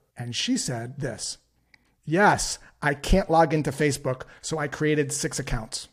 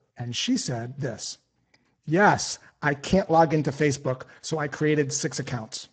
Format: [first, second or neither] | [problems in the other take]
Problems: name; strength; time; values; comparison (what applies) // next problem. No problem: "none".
first | garbled, watery; badly; nothing above 7.5 kHz